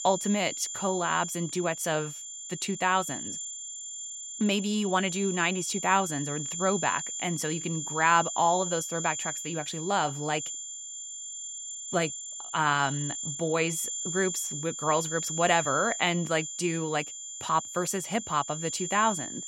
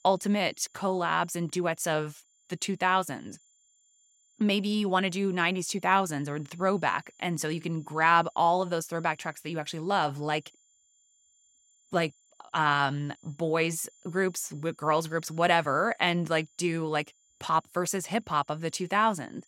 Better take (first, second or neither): second